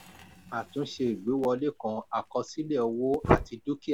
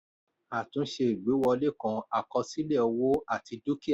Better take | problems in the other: second | background sound (Fire); 4 dB below the speech

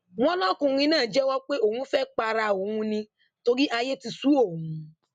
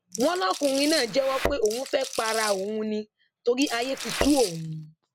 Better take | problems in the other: first | background sound (Thump, thud + Rattle / Rattle (instrument)); 7 dB below the speech

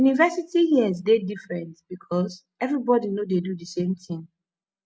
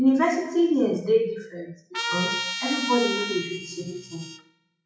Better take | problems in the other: first | noise reduction (classical method WPE with log-MMSE)

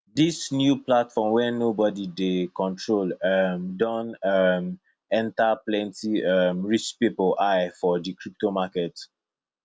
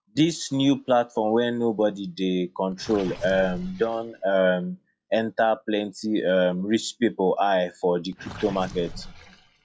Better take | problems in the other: first | noise reduction (classical method log-MMSE)

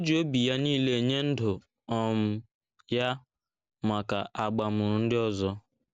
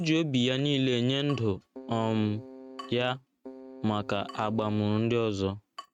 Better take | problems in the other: first | noise reduction (neural mask model RNNoise)

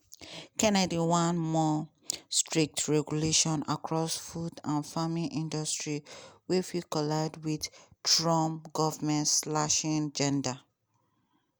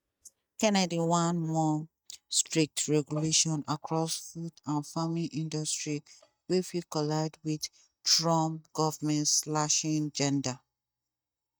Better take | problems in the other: first | noise reduction (neural mask model DeepFilterNet 3)

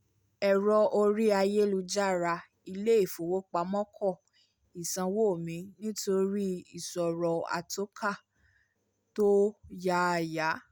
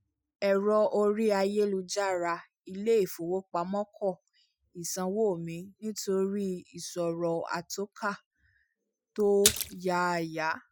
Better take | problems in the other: first | noise reduction (classical method Wiener filter)

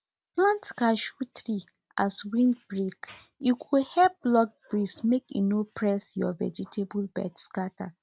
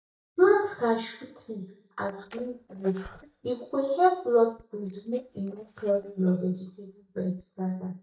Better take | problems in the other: first | noise reduction (neural mask model DeepFilterNet 3)

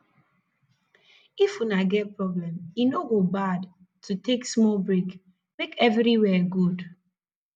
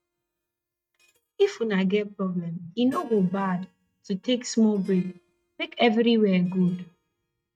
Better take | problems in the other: first | noise reduction (neural mask model RNNoise)

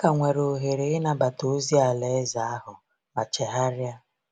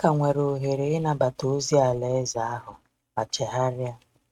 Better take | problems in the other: first | noise reduction (neural mask model RNNoise)

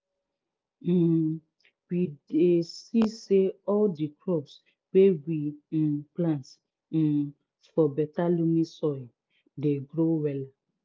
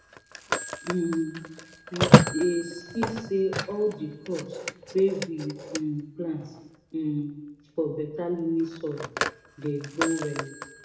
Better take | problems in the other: first | background sound (Telephone); 1 dB above the speech // room echo; dies away in 0.8 s

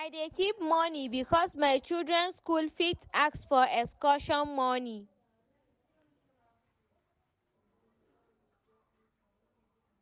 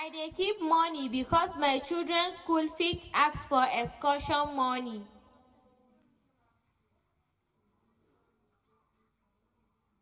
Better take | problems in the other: first | room echo; dies away in 1.2 s

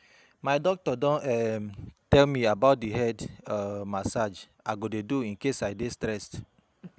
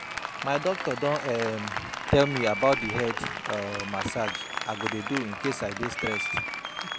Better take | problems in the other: first | background sound (Applause); 4 dB below the speech

